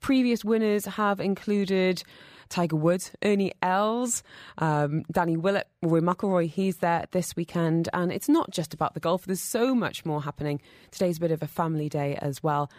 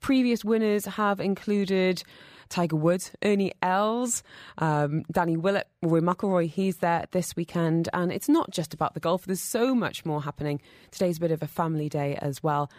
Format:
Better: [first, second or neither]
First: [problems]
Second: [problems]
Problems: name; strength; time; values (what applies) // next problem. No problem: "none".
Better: neither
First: none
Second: none